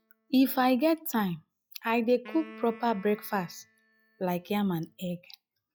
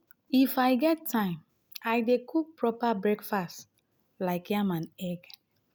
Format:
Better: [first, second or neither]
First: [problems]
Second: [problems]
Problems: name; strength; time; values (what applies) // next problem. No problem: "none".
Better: second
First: noise reduction (classical method log-MMSE)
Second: none